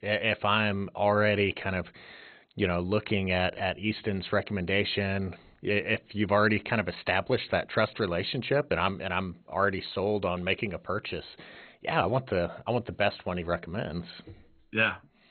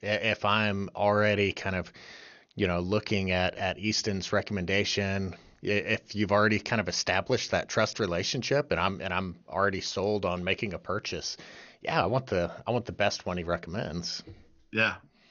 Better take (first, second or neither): second